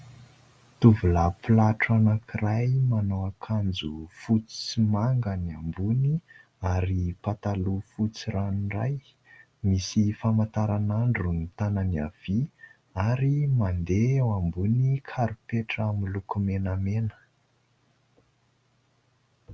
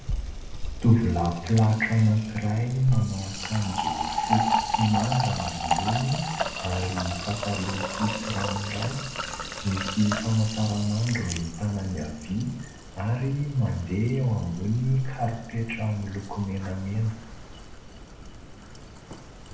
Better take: first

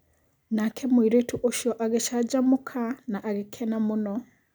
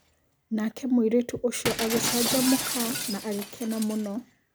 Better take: first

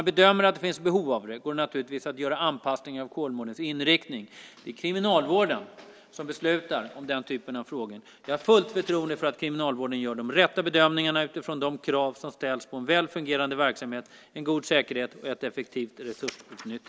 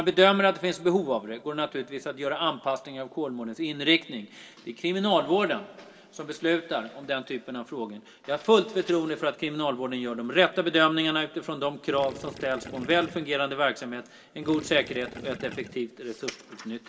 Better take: first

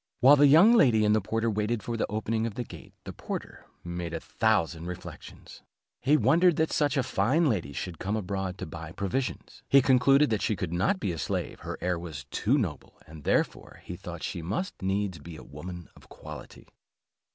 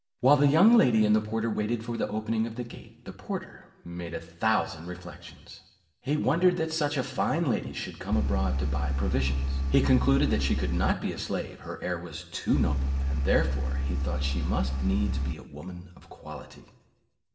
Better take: first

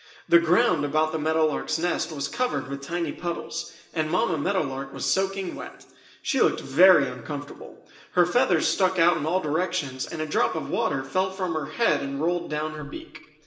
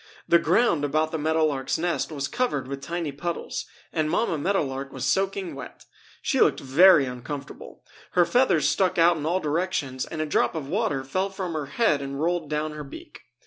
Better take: second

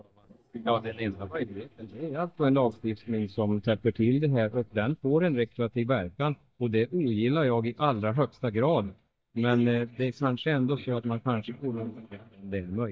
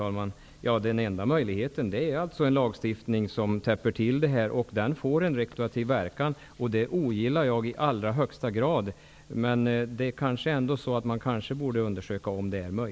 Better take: second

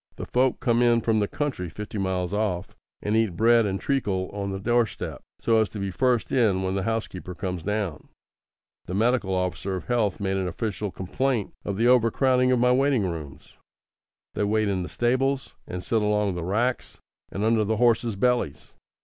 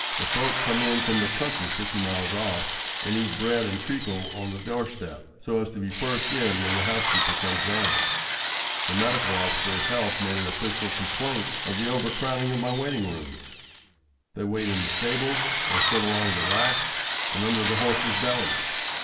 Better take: first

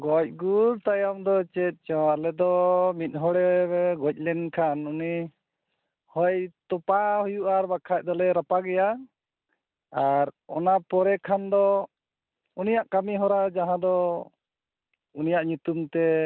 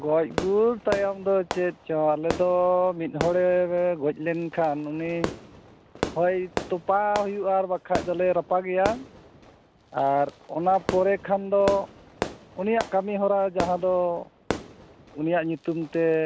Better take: first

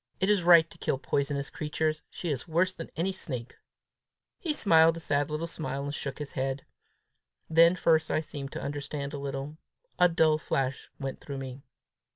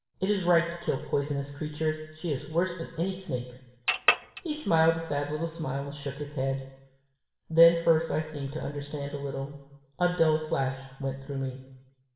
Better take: first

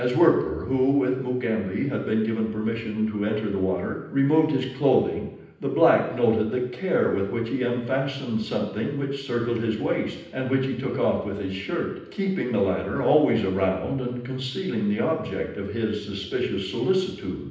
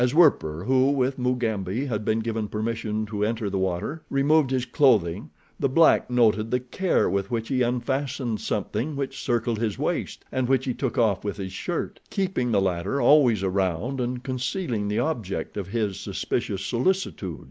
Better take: second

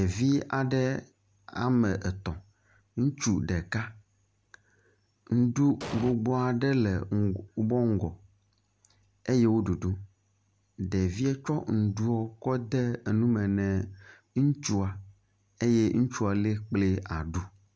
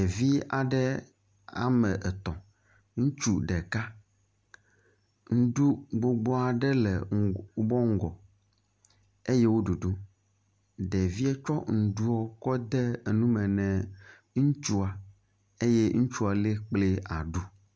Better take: second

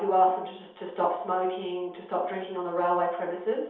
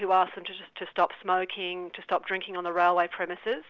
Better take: second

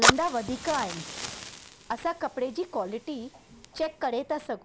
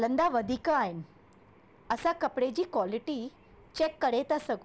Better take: second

